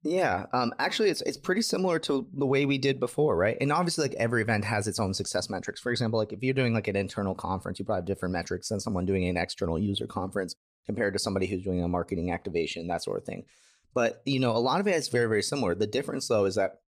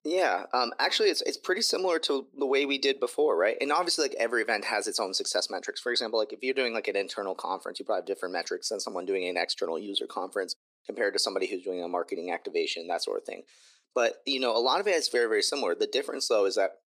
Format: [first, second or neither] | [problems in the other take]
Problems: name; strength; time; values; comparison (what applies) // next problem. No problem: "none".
first | thin; somewhat; fading below 300 Hz